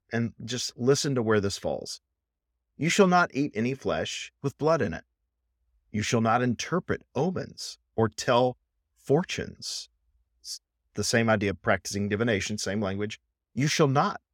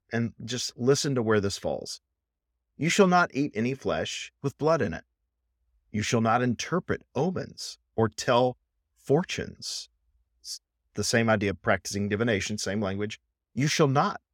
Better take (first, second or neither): neither